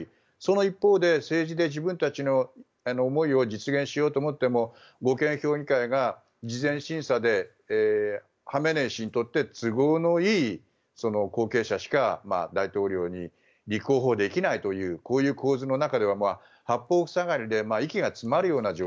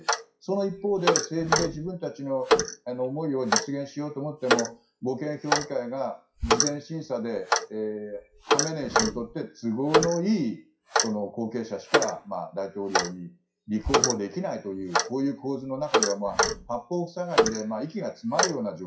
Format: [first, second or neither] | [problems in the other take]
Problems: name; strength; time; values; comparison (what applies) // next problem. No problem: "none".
first | noise reduction (classical method WPE with log-MMSE)